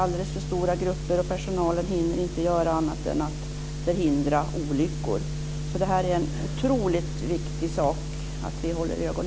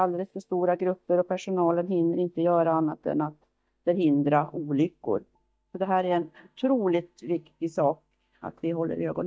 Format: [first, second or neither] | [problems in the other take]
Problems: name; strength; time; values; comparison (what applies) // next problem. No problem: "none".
first | noise reduction (neural mask model DeepFilterNet 3)